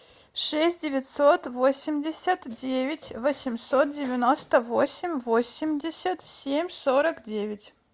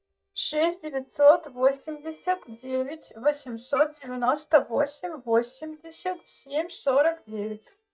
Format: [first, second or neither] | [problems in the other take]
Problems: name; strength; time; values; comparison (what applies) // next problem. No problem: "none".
first | noise reduction (neural mask model DeepFilterNet 3)